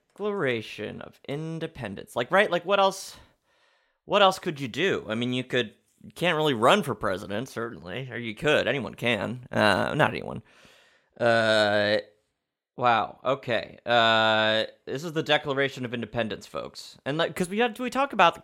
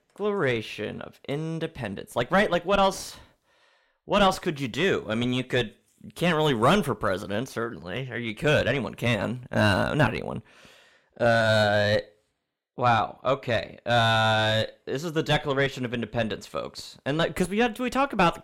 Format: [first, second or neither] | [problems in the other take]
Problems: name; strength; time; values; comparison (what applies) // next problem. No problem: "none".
first | distortion; heavy; 4 dB below the speech